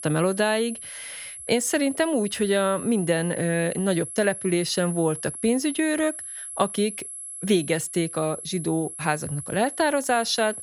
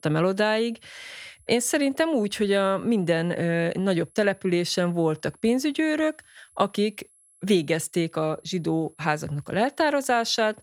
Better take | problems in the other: second | high-pitched whine; loud; throughout; 11 kHz, 10 dB below the speech; faint in the second

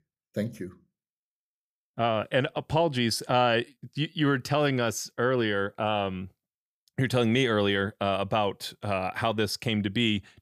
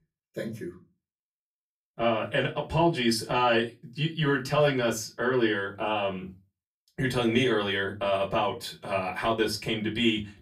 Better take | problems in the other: first | off-mic speech; far // room echo; very slight; dies away in 0.2 s

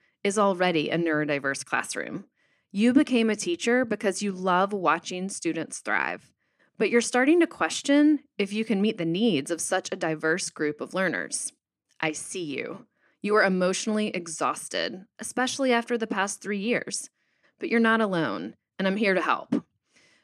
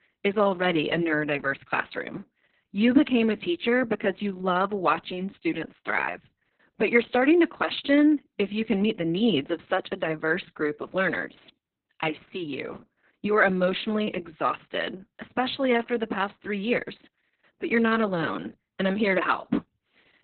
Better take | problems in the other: first | garbled, watery; badly; nothing above 4 kHz

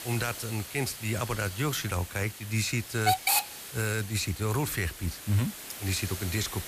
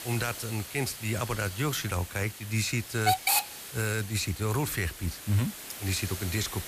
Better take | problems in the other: neither | hiss; loud; throughout; 3 dB below the speech; the same in both

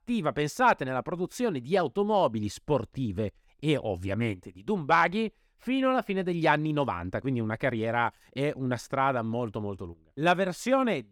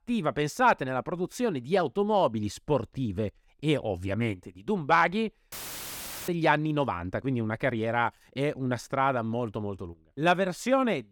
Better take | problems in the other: first | audio cutting out; filled with static; at 5.5 s for 1 s

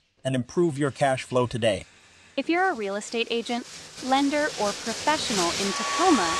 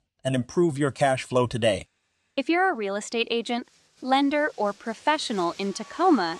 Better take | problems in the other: second | household noises; loud; throughout; 3 dB below the speech; faint in the second

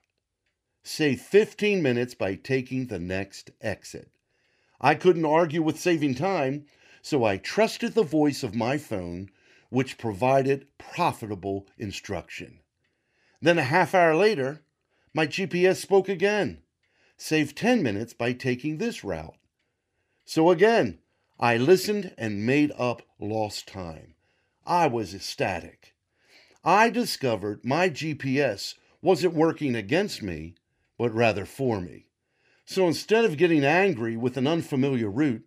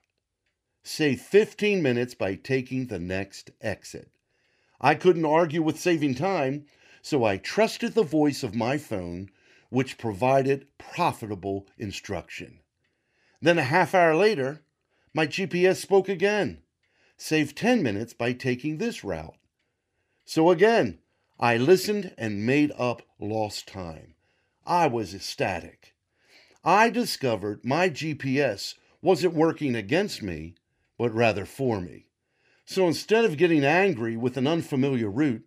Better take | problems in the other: neither | none

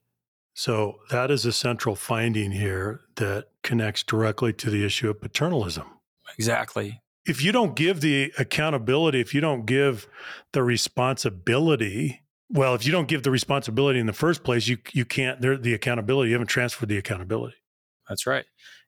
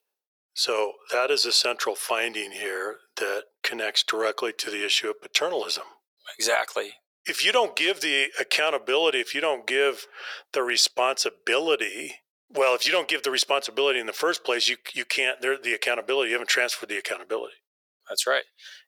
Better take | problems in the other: first | thin; very; fading below 450 Hz

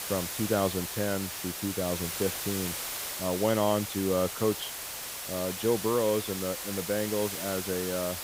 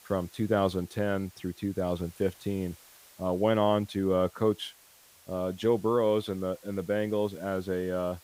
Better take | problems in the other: second | hiss; loud; throughout; 3 dB below the speech; faint in the second

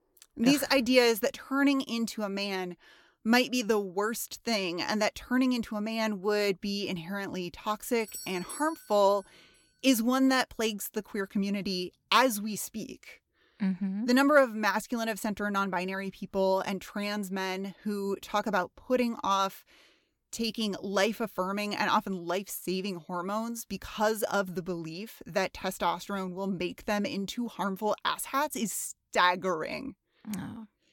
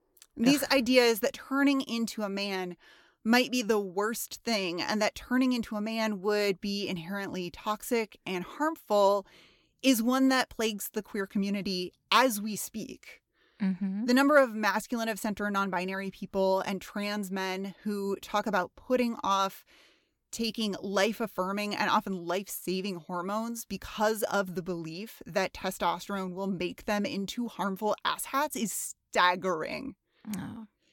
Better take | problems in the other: second | doorbell; faint; at 8 s; peak 10 dB below the speech

